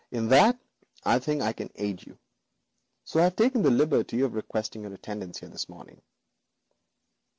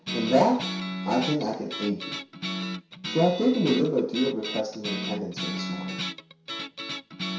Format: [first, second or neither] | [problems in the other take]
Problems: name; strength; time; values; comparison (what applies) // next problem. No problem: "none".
first | background sound (Guitar); 6 dB below the speech // room echo; dies away in 0.6 s